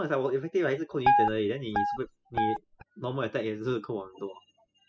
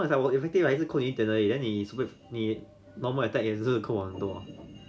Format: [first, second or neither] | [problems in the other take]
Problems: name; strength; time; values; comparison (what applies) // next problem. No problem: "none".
second | noise reduction (classical method spectral subtraction)